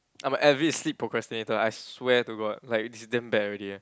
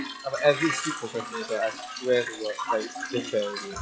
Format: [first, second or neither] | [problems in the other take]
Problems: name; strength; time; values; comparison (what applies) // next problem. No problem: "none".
first | noise reduction (classical method log-MMSE)